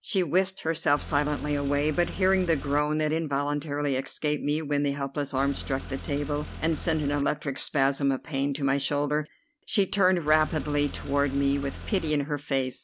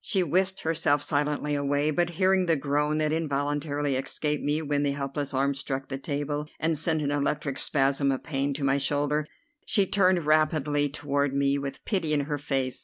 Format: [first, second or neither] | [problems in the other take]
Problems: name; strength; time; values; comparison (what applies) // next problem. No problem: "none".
second | background sound (Car); 11 dB below the speech